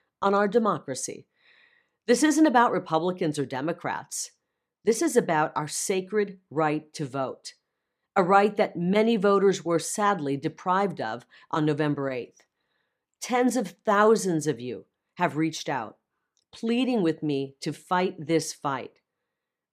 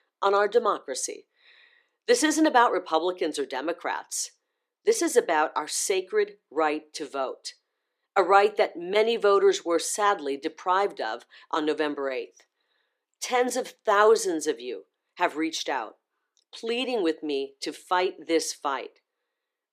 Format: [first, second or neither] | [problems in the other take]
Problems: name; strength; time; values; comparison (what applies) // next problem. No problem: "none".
first | thin; somewhat; fading below 350 Hz